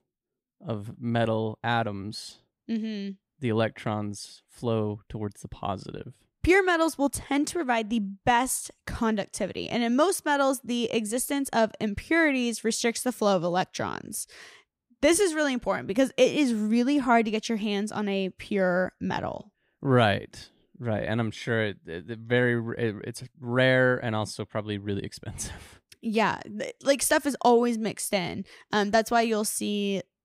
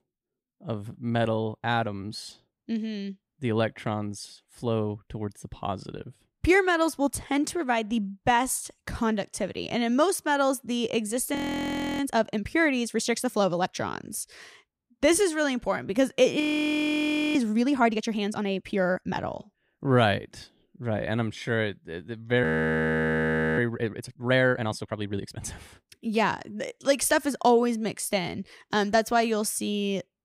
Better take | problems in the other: first | audio freezing; at 11 s for 0.5 s, at 16 s for 1 s and at 22 s for 1 s

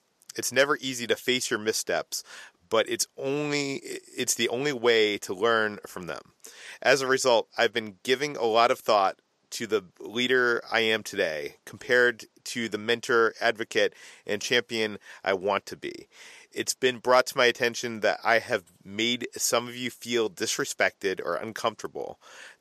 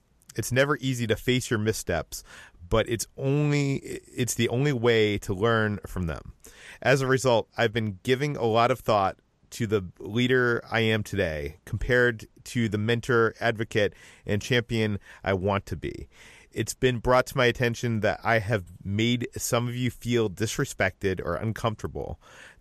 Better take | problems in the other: second | thin; somewhat; fading below 350 Hz

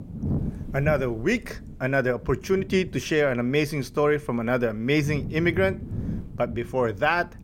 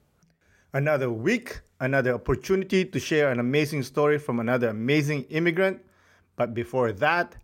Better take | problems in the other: second | wind noise on the microphone; occasional gusts; 20 dB below the speech

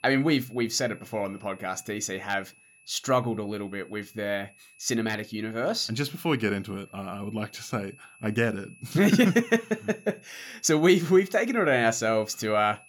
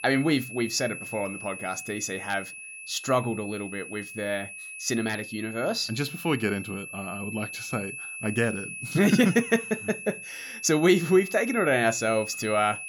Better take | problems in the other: first | high-pitched whine; loud; throughout; 2.5 kHz, 10 dB below the speech; faint in the first

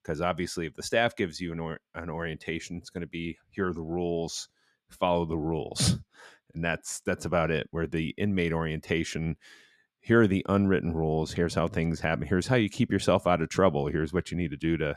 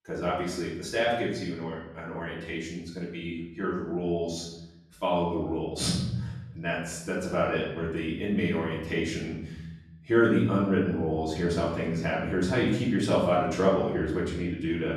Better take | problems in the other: first | off-mic speech; far // room echo; noticeable; dies away in 0.9 s

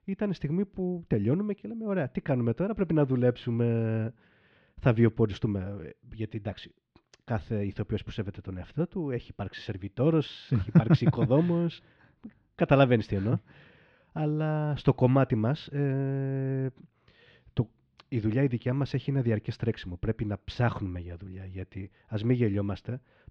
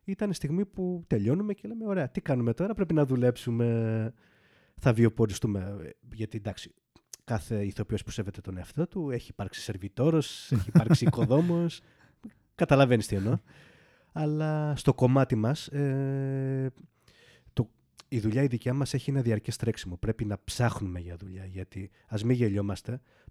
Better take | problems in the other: second | muffled; slightly; fading above 4 kHz

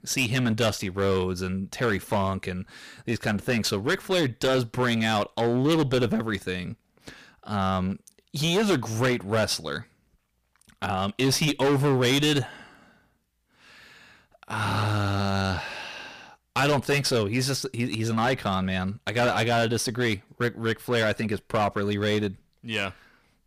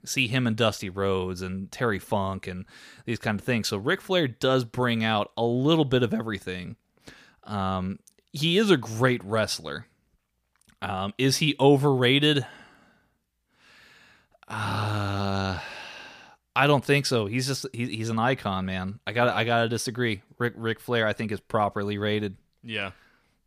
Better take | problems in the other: second | distortion; heavy; 11% of the sound clipped

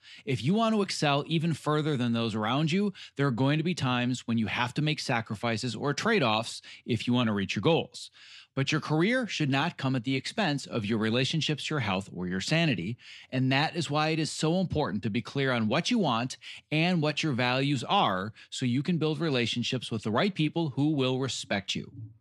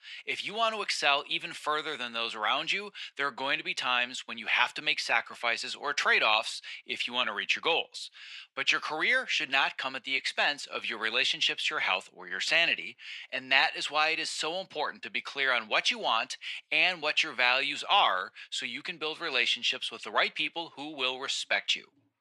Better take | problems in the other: first | thin; very; fading below 700 Hz

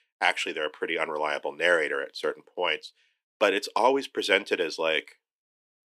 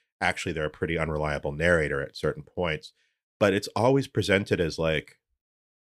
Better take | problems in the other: second | thin; somewhat; fading below 300 Hz

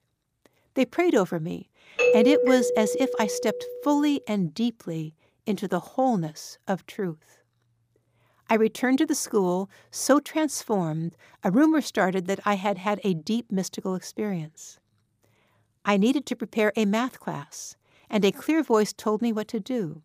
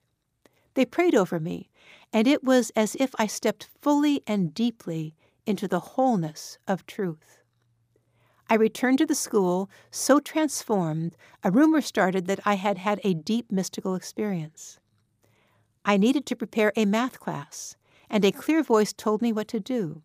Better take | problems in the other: second | doorbell; loud; from 2 to 3.5 s; peak 6 dB above the speech

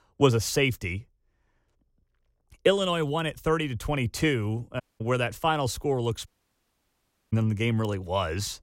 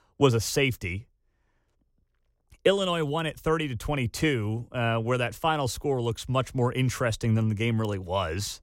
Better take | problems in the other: second | audio cutting out; at 5 s and at 6.5 s for 1 s

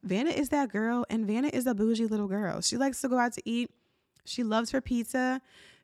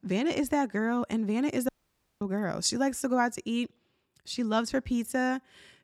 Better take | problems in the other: first | audio cutting out; at 1.5 s for 0.5 s

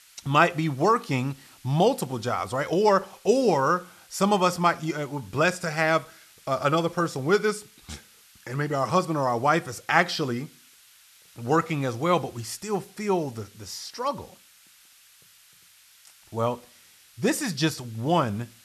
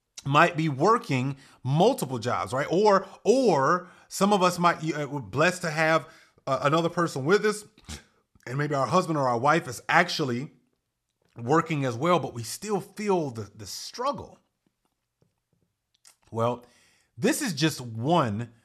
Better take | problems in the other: second | hiss; faint; throughout; 25 dB below the speech

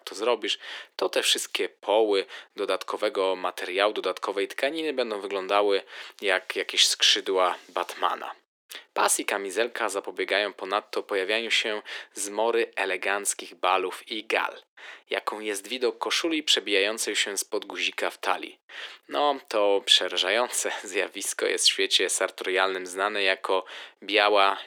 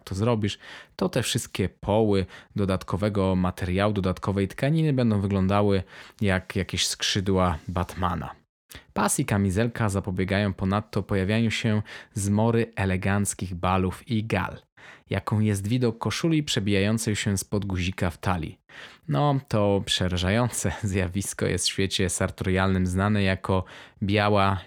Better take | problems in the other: second | thin; very; fading below 350 Hz

